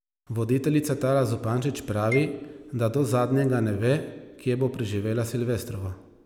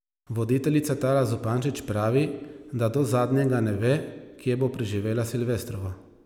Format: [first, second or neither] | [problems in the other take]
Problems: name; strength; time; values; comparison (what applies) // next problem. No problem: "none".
second | background sound (Marimba, xylophone); 15 dB below the speech